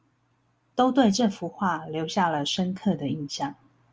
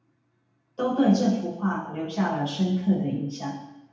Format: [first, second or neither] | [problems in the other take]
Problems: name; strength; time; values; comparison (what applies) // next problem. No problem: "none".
first | room echo; dies away in 0.8 s